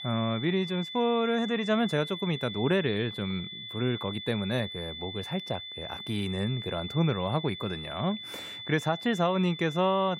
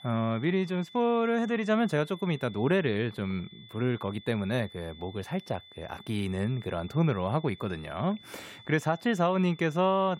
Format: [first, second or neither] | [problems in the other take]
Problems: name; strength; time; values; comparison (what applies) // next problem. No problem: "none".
second | high-pitched whine; loud; throughout; 3.5 kHz, 8 dB below the speech; faint in the second